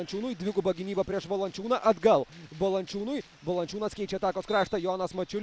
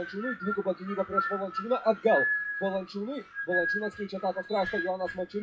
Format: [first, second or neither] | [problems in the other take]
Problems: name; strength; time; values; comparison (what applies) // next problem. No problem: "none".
first | noise reduction (classical method WPE with log-MMSE)